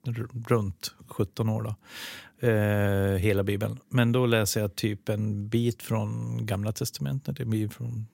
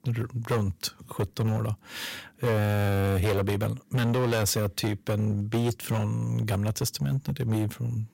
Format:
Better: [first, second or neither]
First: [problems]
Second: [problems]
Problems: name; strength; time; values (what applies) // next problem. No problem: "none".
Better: first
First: none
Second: distortion; heavy; 13% of the sound clipped